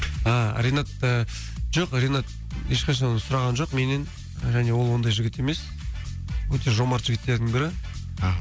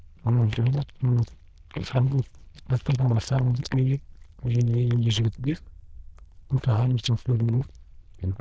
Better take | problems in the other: first | noise reduction (neural diffusion model UNIVERSE++)

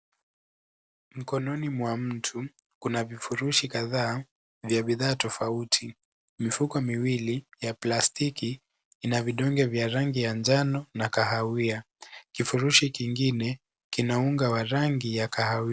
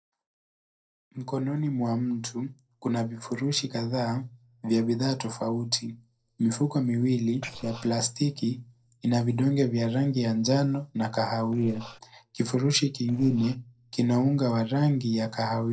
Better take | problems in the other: first | noise reduction (neural separator model SepFormer DNS4)

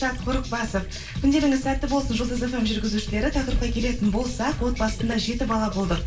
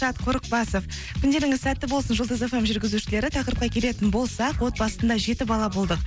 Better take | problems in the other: second | background sound (Sink (filling or washing)); 20 dB below the speech // room echo; dies away in 0.3 s

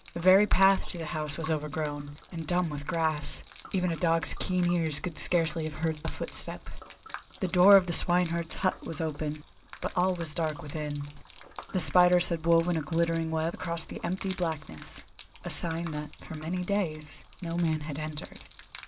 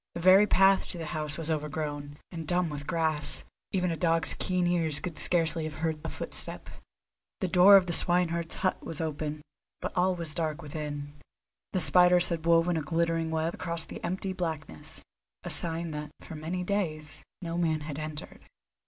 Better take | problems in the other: second | background sound (Gurgling / Liquid); 19 dB below the speech

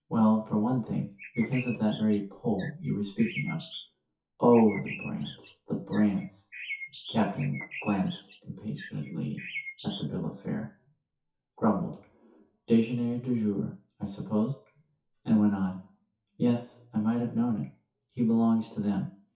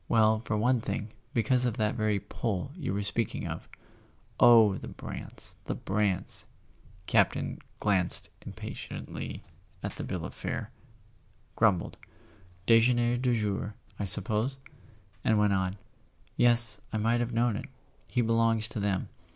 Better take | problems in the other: second | noise reduction (classical method WPE with log-MMSE)

